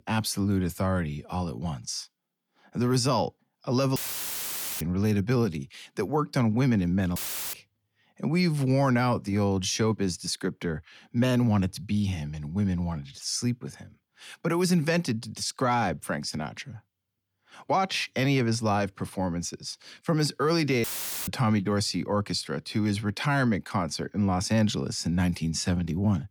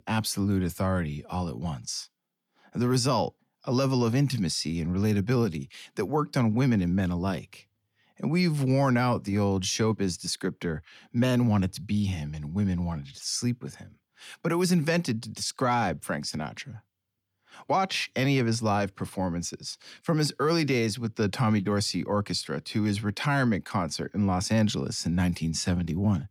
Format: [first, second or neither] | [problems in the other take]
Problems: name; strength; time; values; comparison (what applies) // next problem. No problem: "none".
second | audio cutting out; filled with static; at 4 s for 1 s, at 7 s and at 21 s